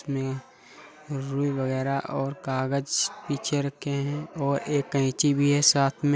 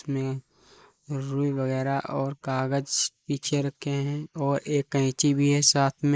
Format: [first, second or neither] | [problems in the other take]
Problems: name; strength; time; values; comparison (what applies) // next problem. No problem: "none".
first | noise reduction (neural mask model Resemble Enhance denoiser)